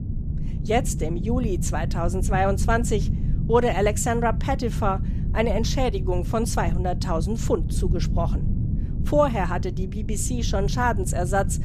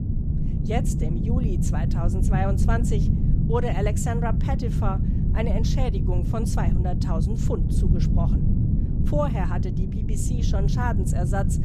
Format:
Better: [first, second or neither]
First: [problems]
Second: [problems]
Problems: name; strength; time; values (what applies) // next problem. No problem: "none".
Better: first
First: wind noise on the microphone; occasional gusts; 15 dB below the speech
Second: wind noise on the microphone; heavy; 4 dB below the speech